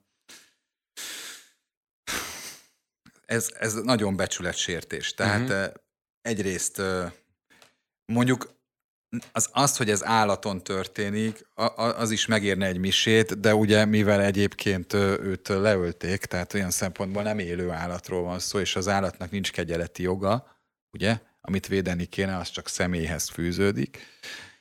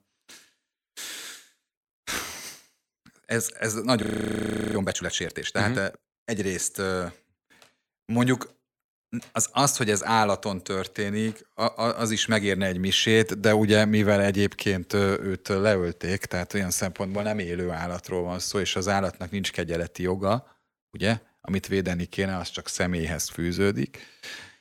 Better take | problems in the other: first | audio freezing; at 4 s for 0.5 s

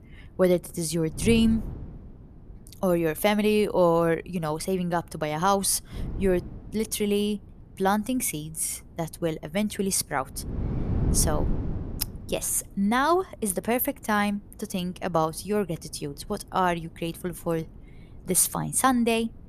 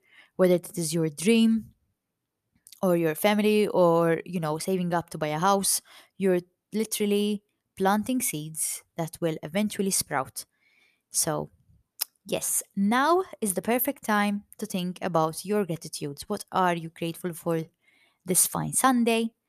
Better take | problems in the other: second | wind noise on the microphone; occasional gusts; 20 dB below the speech

